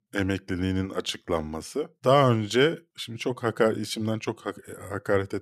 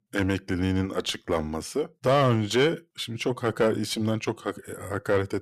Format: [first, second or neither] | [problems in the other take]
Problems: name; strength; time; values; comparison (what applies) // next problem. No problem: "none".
first | distortion; slight; 10 dB below the speech